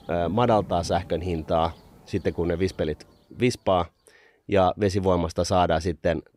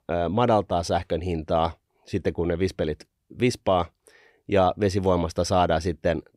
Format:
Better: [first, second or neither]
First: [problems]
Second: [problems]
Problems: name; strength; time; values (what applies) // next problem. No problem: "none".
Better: second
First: rain or running water; noticeable; throughout; 20 dB below the speech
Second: none